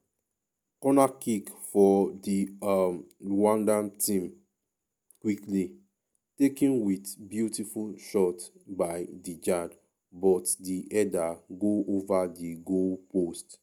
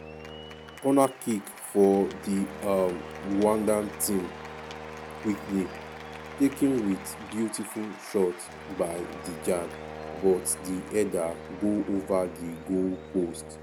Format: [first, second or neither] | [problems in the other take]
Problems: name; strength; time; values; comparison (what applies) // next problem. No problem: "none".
first | background sound (Applause / Cheering + Brass instrument); 12 dB below the speech